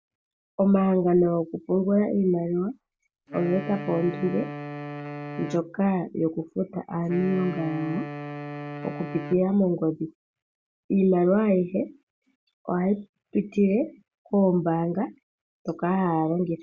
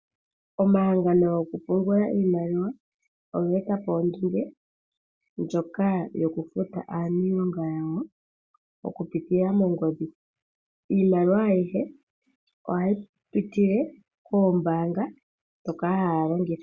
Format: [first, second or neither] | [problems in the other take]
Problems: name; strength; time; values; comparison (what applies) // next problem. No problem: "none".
second | background sound (Wind instrument, woodwind instrument); 11 dB below the speech